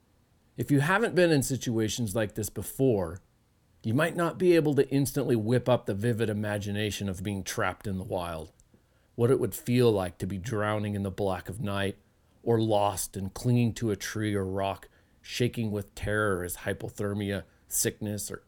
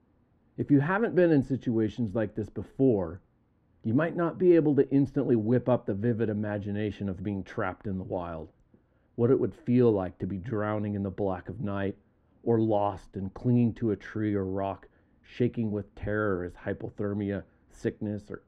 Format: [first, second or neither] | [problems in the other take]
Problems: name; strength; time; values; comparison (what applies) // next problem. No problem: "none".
first | muffled; very; fading above 1.5 kHz